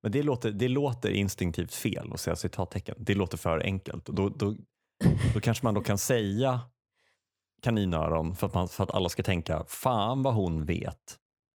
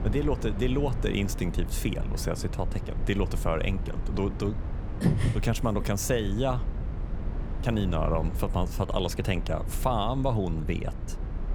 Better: first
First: none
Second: low rumble; noticeable; throughout; 15 dB below the speech

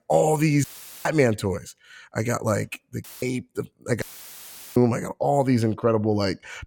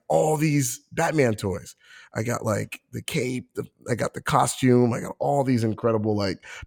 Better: second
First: audio cutting out; filled with static; at 0.5 s, at 3 s and at 4 s for 0.5 s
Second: none

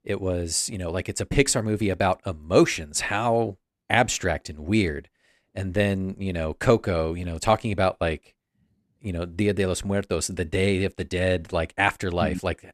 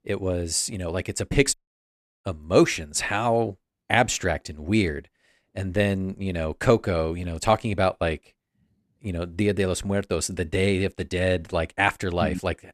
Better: first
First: none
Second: audio cutting out; at 1.5 s for 0.5 s

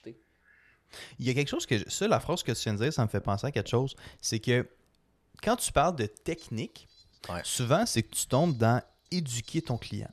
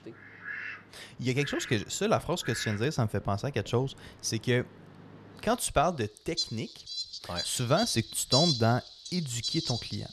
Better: first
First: animal sounds; faint; throughout; 30 dB below the speech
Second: animal sounds; loud; throughout; 4 dB below the speech

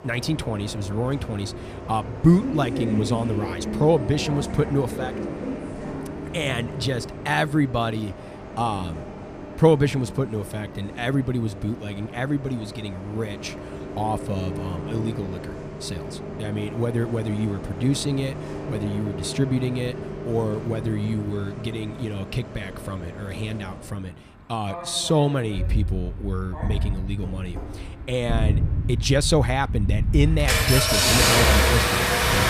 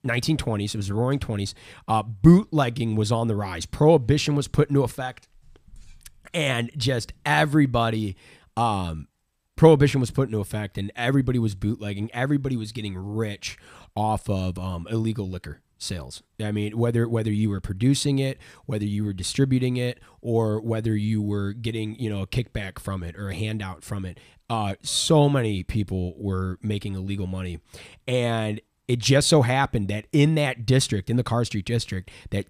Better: second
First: traffic noise; loud; throughout; 2 dB below the speech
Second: none

